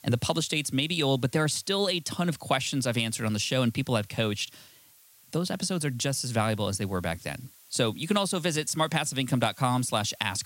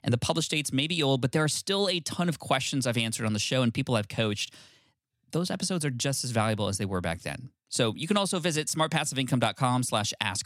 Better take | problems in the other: second | hiss; faint; throughout; 25 dB below the speech

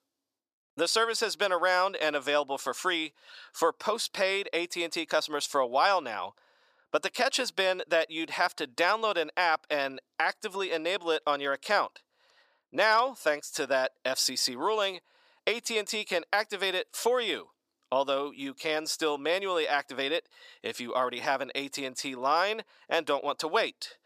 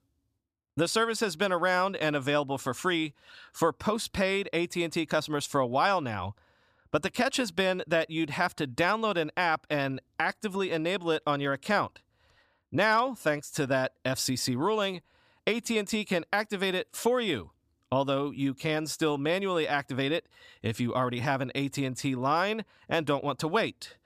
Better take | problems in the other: second | thin; somewhat; fading below 500 Hz

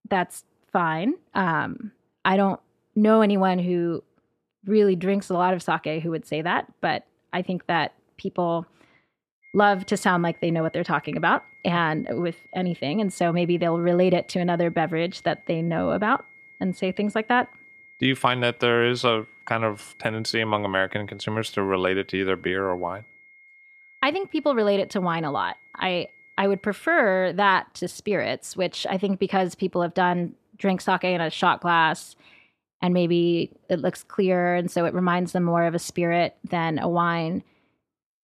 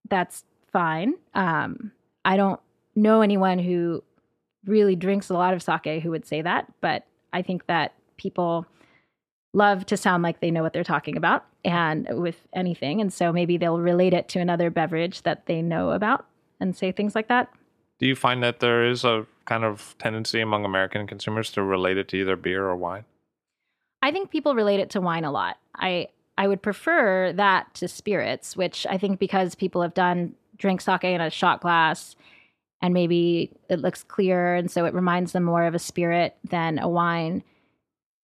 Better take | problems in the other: second | high-pitched whine; faint; from 9.5 to 27 s; 2 kHz, 25 dB below the speech

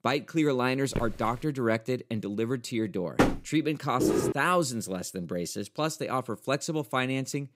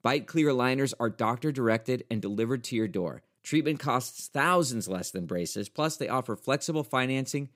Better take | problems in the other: second | footsteps; noticeable; at 1 s; peak 7 dB below the speech // door banging; loud; at 3 s; peak 3 dB above the speech // footsteps; loud; at 4 s; peak 3 dB above the speech

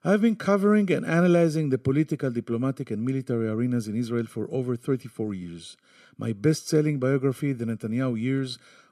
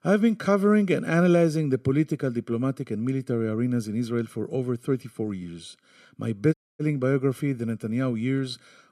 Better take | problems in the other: first | audio cutting out; at 6.5 s

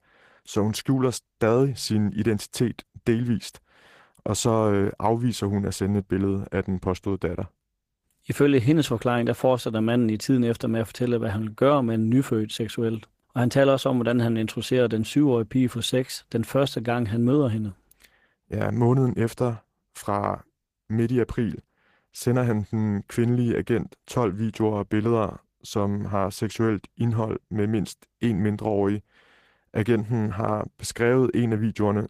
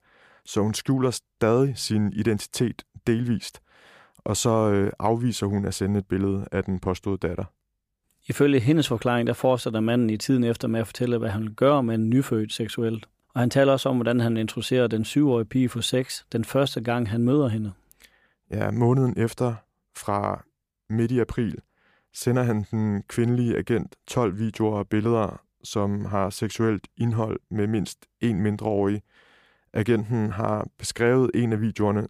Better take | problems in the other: second | garbled, watery; slightly; nothing above 15 kHz

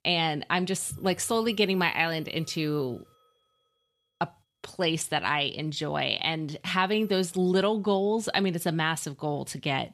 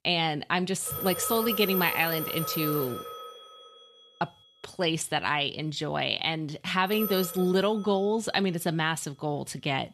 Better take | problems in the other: first | alarms or sirens; loud; throughout; 5 dB below the speech; faint in the first

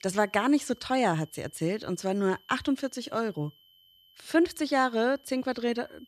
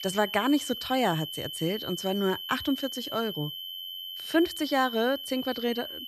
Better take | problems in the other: first | high-pitched whine; loud; throughout; 3 kHz, 7 dB below the speech; faint in the first

